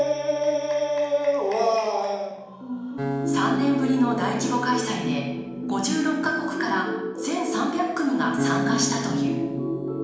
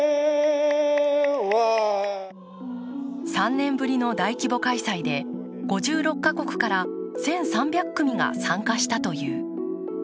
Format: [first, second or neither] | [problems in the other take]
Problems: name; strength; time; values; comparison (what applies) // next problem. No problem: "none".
second | background sound (Acoustic guitar); 8 dB below the speech // room echo; dies away in 1 s